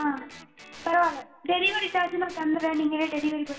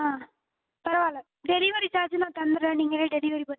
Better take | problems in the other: second | background sound (Guitar); 20 dB below the speech // room echo; dies away in 1 s

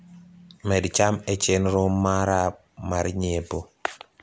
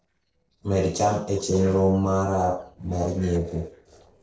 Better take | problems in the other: first | noise reduction (neural separator model SepFormer DNS4)

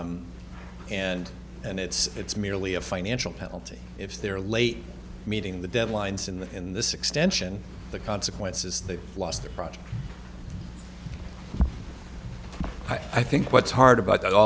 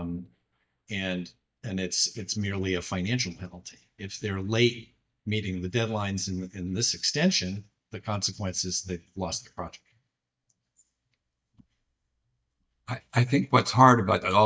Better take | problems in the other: first | noise reduction (neural mask model DeepFilterNet 3)

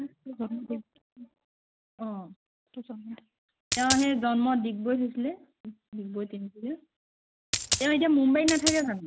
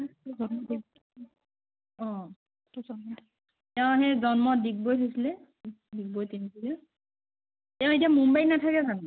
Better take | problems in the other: second | background sound (Coin (dropping)); 1 dB below the speech

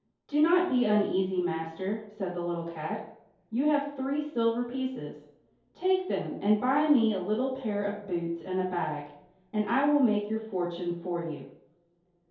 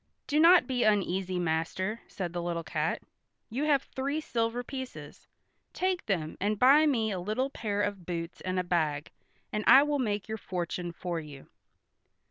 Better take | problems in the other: second | room echo; dies away in 2.4 s

